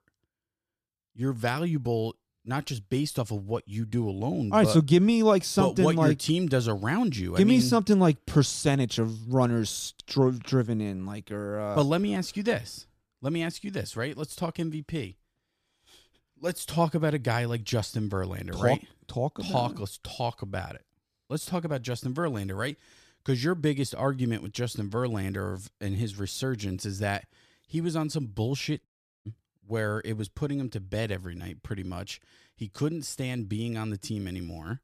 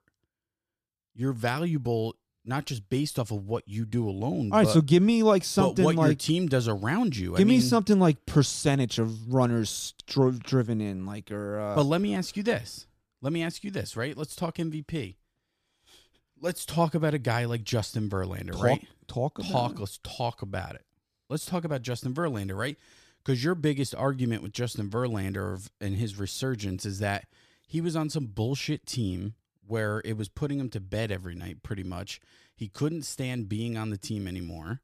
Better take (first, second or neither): second